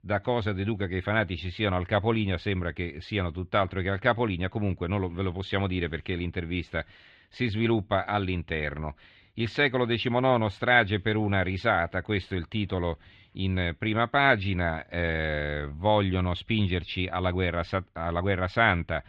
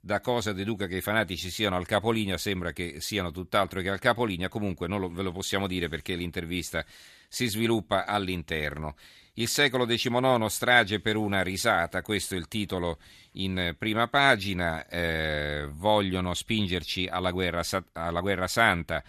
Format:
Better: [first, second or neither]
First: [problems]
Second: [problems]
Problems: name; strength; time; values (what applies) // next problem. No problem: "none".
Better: second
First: muffled; slightly; fading above 3 kHz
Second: none